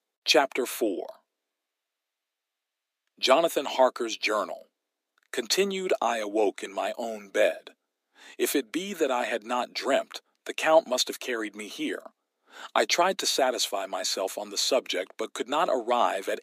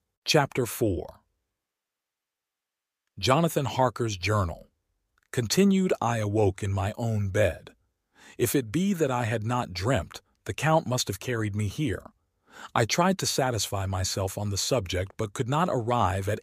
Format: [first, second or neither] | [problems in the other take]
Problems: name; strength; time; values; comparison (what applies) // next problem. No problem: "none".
second | thin; somewhat; fading below 250 Hz